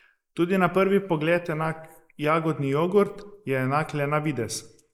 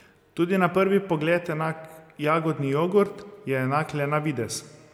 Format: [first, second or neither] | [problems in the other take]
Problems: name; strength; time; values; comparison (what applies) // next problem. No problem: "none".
second | noise reduction (neural mask model Resemble Enhance denoiser)